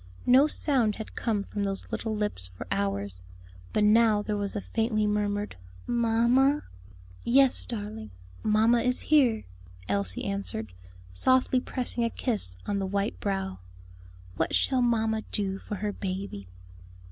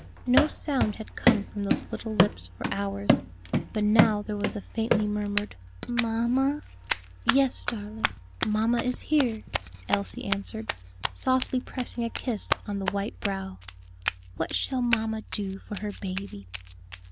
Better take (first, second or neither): first